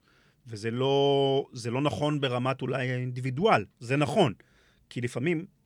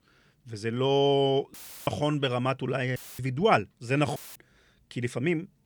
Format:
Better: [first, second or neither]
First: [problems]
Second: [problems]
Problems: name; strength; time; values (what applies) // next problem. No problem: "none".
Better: first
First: none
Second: audio cutting out; filled with static; at 1.5 s, at 3 s and at 4 s